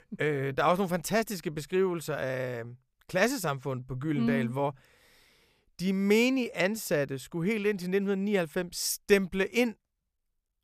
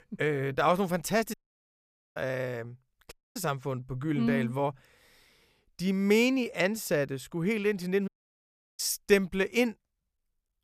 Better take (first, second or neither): first